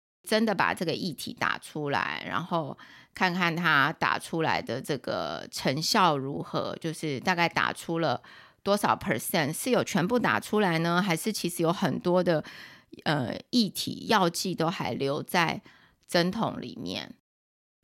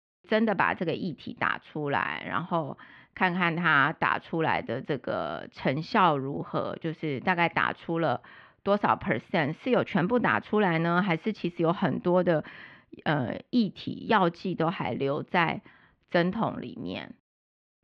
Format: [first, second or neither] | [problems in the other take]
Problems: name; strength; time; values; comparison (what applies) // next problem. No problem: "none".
first | muffled; very; fading above 3 kHz